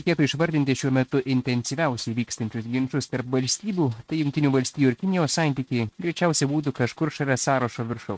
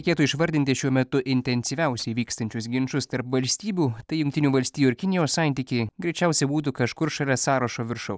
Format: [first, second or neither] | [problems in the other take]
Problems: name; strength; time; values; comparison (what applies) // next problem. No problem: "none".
second | noise reduction (neural mask model RNNoise)